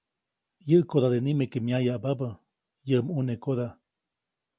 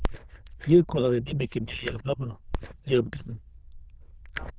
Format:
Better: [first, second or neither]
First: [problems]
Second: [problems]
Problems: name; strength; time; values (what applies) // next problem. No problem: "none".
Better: first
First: none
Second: noise reduction (neural diffusion model UNIVERSE++)